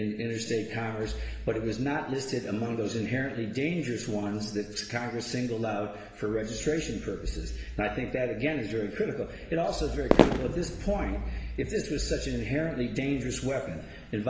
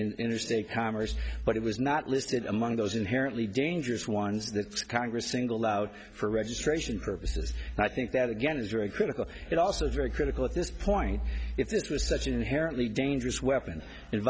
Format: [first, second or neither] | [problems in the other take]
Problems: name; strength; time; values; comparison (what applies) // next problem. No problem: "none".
second | background sound (Fireworks); 3 dB above the speech // room echo; dies away in 1.1 s